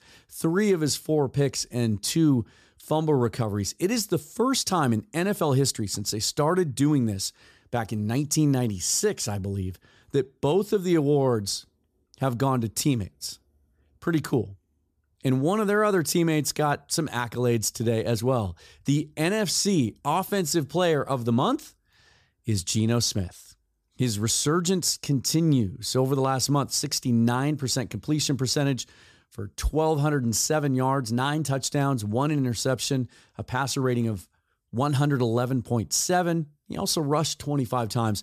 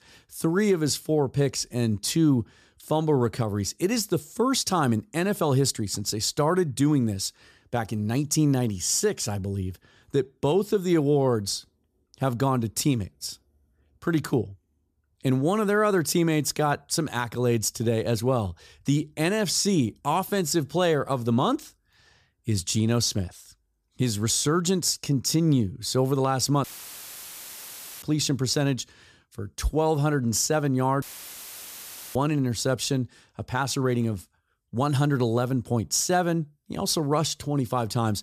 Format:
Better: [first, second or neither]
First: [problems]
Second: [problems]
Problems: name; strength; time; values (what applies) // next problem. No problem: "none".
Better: first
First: none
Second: audio cutting out; filled with static; at 27 s for 1.5 s and at 31 s for 1 s